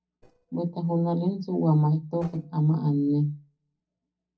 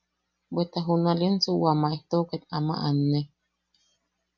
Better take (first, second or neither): second